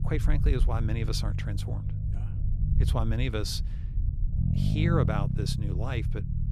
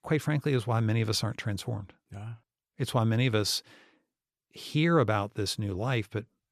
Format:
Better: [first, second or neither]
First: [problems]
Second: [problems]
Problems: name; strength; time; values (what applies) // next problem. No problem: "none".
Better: second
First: low rumble; loud; throughout; 7 dB below the speech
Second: none